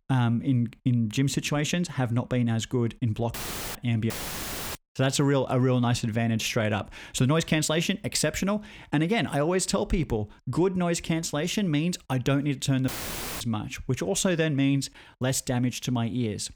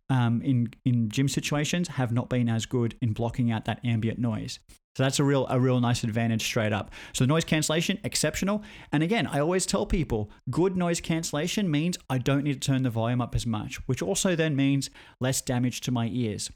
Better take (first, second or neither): second